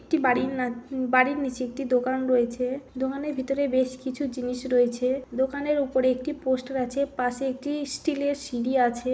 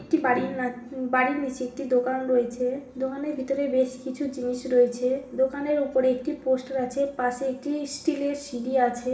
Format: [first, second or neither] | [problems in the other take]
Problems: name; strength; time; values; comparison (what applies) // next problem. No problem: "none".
first | room echo; dies away in 0.9 s